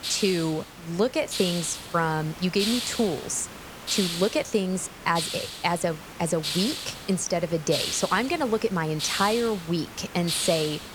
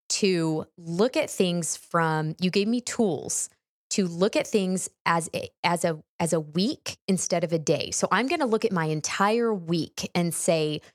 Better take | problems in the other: second | hiss; loud; throughout; 6 dB below the speech

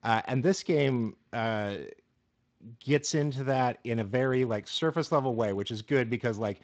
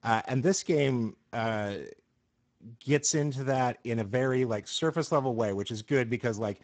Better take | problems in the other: first | garbled, watery; badly; nothing above 7.5 kHz; slightly in the first

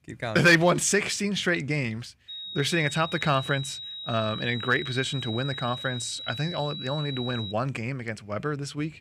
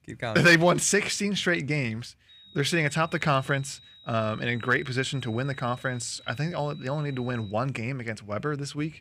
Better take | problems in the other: second | high-pitched whine; loud; from 2.5 to 7.5 s; 4 kHz, 9 dB below the speech; faint in the second

